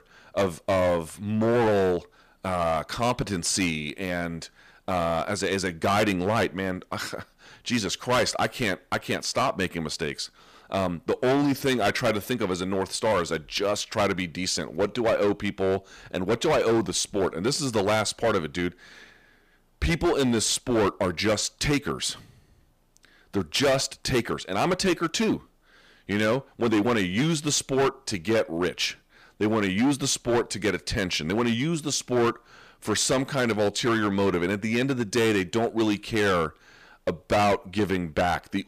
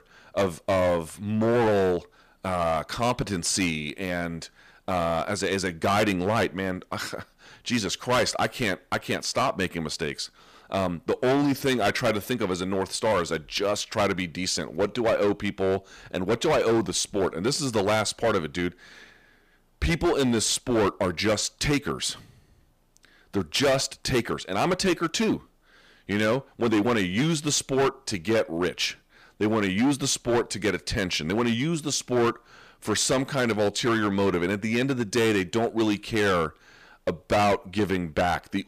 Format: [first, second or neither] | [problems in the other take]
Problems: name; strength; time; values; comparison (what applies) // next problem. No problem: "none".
neither | distortion; heavy; 10% of the sound clipped; the same in both